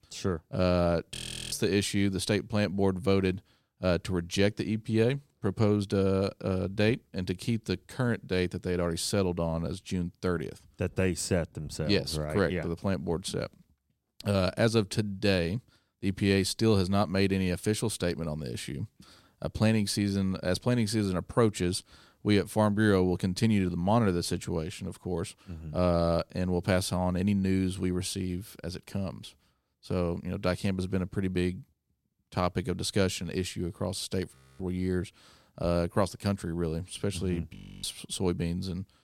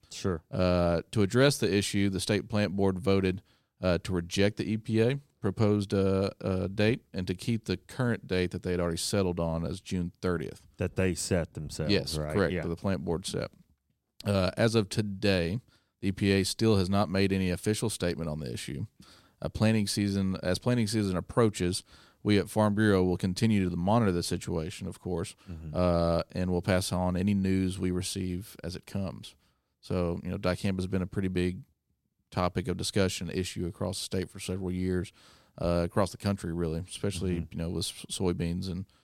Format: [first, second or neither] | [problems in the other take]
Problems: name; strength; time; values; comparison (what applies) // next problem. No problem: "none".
second | audio freezing; at 1 s, at 34 s and at 38 s